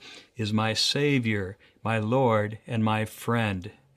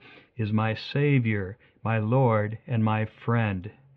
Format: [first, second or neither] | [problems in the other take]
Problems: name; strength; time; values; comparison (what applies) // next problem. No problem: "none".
first | muffled; very; fading above 3 kHz